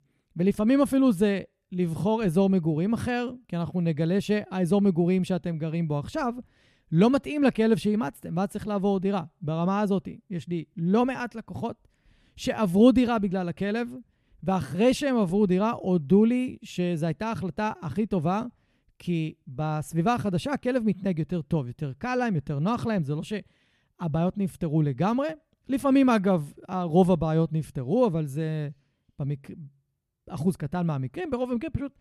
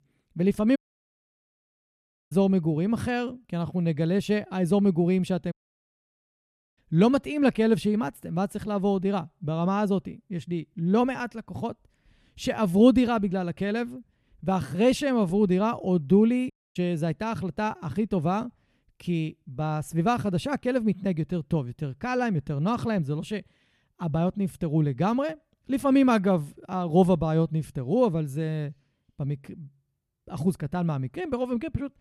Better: first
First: none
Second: audio cutting out; at 1 s for 1.5 s, at 5.5 s for 1.5 s and at 17 s

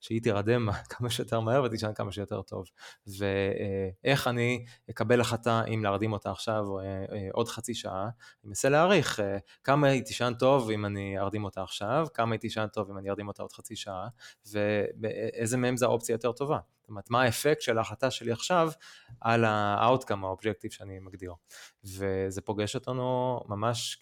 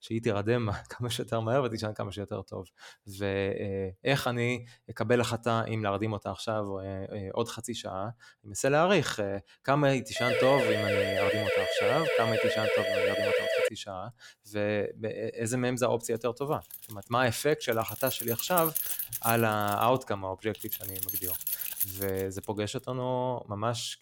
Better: first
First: none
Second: siren; loud; from 10 to 14 s; peak 4 dB above the speech // jangling keys; loud; from 17 to 22 s; peak 2 dB above the speech

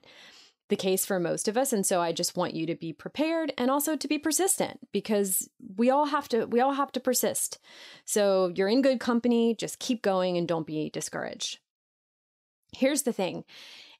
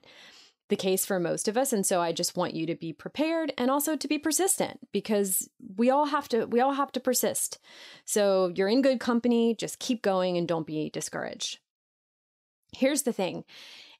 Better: neither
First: none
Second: none

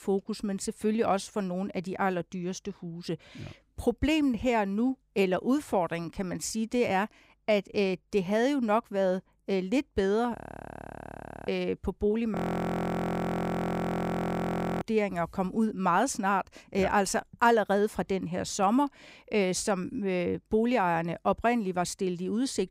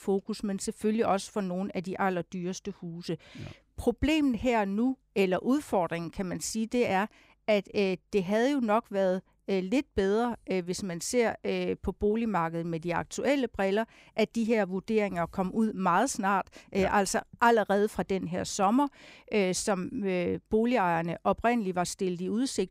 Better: second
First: audio freezing; at 10 s for 1 s and at 12 s for 2.5 s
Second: none

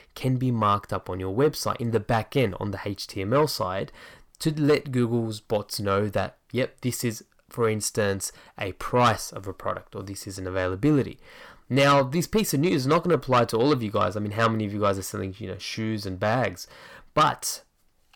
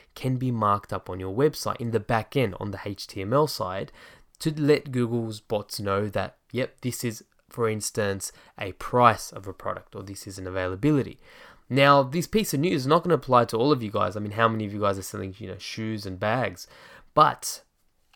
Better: second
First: distortion; slight; 10 dB below the speech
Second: none

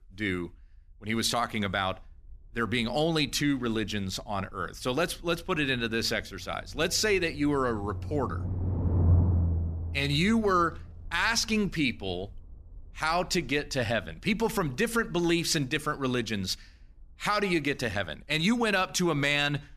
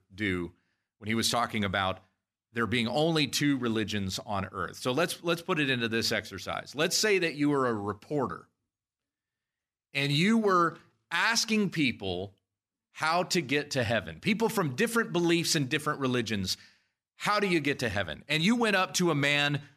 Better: second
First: low rumble; noticeable; throughout; 15 dB below the speech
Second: none

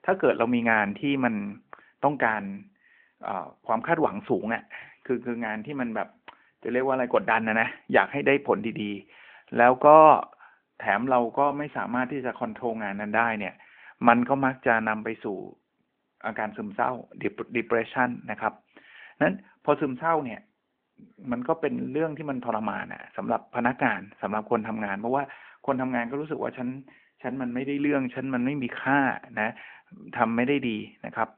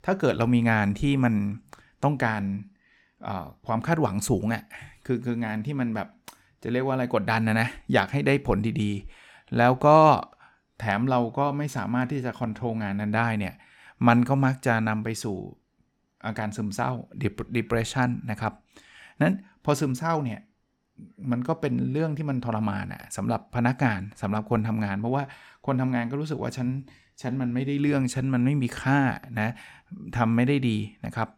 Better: second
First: phone-call audio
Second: none

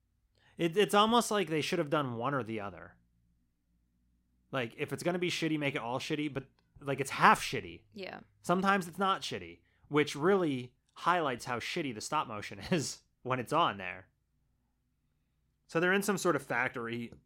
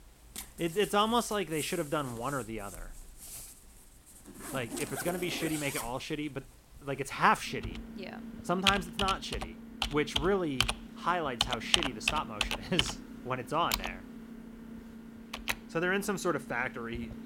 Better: first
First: none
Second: household noises; loud; throughout; 3 dB below the speech

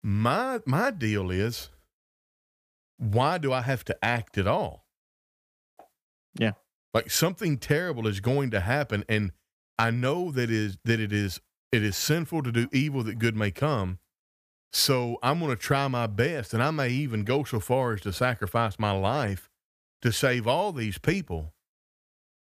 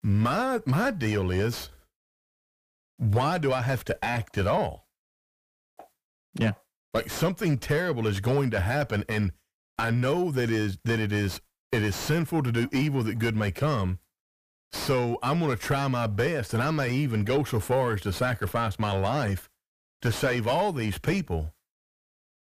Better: first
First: none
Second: distortion; heavy; 6 dB below the speech

